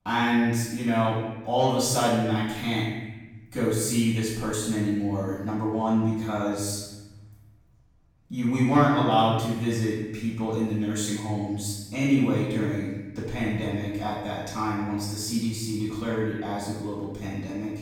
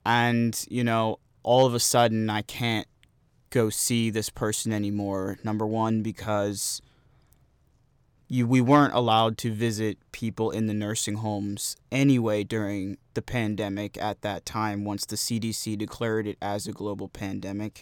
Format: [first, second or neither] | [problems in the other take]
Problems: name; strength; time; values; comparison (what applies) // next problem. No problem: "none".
second | room echo; strong; dies away in 1.1 s // off-mic speech; far